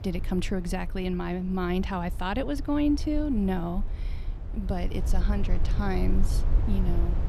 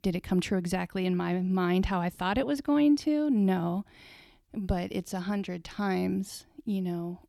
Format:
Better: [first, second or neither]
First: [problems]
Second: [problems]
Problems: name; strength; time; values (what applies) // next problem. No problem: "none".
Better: second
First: low rumble; noticeable; throughout; 15 dB below the speech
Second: none